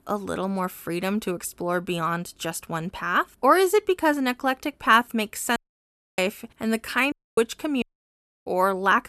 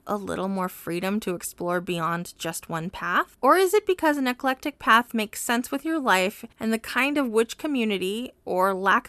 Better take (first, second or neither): second